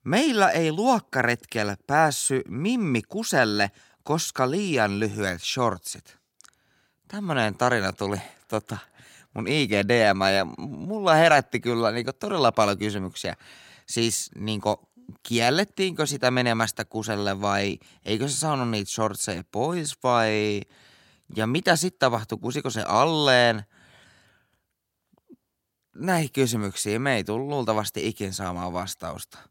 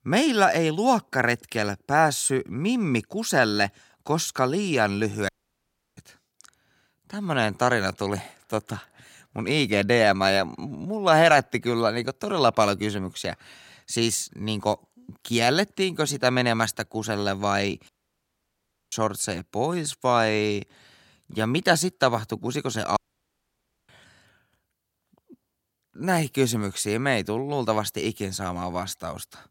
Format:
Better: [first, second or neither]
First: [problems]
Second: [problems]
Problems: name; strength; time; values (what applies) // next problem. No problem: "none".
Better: first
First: none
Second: audio cutting out; at 5.5 s for 0.5 s, at 18 s for 1 s and at 23 s for 1 s